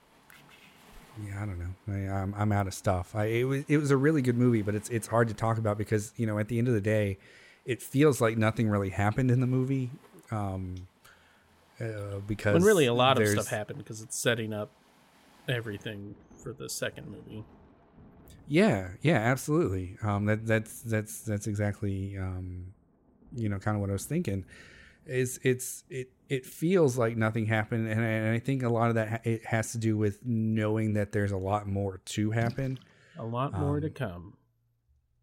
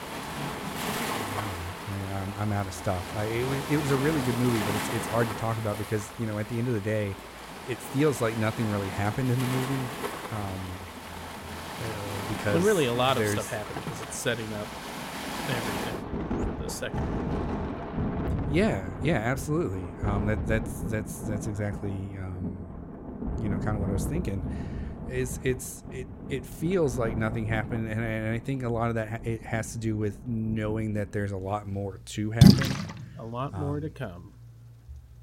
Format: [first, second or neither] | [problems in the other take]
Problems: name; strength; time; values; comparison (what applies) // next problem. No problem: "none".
first | rain or running water; loud; throughout; 2 dB below the speech; faint in the first